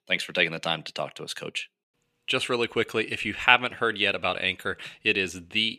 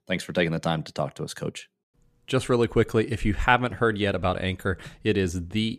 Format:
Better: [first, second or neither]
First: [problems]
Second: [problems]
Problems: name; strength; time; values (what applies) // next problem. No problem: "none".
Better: second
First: thin; somewhat; fading below 500 Hz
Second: none